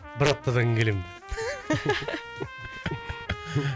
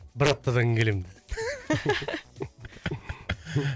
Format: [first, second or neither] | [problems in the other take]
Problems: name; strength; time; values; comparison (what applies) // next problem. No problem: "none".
second | background sound (Trumpet); 13 dB below the speech